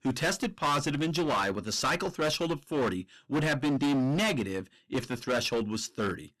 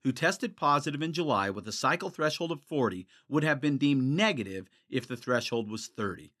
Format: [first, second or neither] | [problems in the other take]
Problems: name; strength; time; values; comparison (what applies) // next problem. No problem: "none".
second | distortion; heavy; 18% of the sound clipped